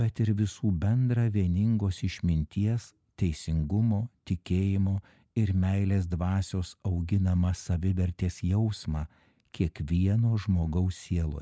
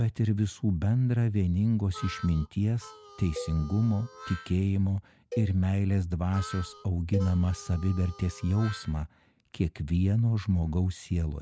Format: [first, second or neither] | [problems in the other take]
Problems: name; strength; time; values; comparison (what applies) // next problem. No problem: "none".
first | background sound (Harmonica + Cowbell); 17 dB below the speech